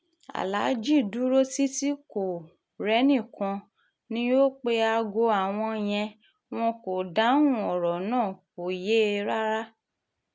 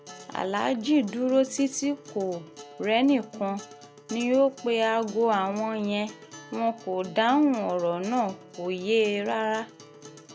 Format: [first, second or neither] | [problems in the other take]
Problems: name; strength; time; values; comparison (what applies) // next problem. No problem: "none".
first | background sound (Acoustic guitar); 19 dB below the speech